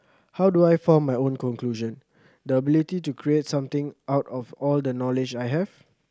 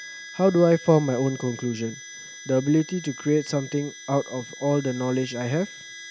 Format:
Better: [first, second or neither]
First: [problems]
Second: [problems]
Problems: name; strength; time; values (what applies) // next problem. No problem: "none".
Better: first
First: none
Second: background sound (Harmonica); 17 dB below the speech